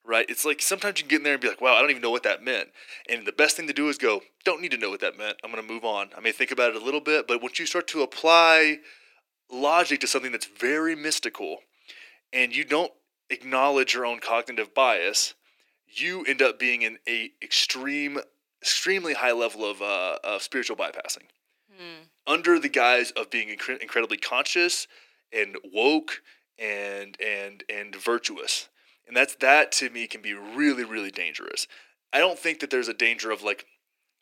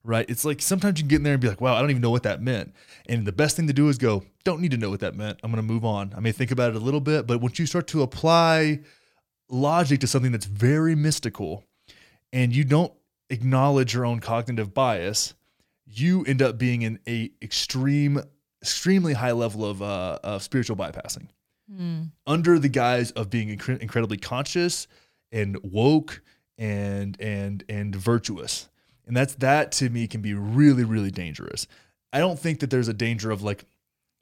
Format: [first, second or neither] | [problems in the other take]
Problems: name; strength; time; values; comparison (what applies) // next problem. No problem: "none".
second | thin; very; fading below 350 Hz